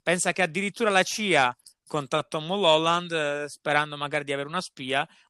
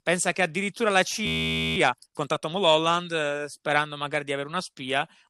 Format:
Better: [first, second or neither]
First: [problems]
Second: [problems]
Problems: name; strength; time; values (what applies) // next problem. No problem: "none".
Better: first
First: none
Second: audio freezing; at 1.5 s for 0.5 s